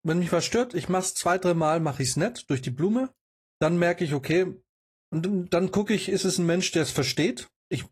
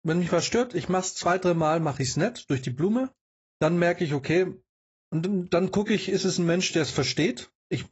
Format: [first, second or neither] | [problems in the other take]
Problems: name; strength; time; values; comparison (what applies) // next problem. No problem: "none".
first | garbled, watery; badly; nothing above 7.5 kHz; slightly in the first